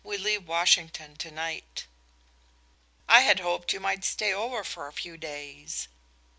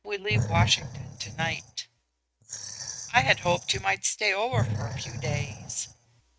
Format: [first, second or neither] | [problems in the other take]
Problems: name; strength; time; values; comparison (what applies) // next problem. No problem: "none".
first | noise reduction (neural mask model RNNoise)